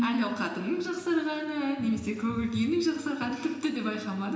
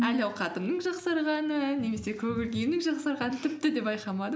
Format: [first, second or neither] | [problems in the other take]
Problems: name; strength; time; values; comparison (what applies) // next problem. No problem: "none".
second | room echo; dies away in 2 s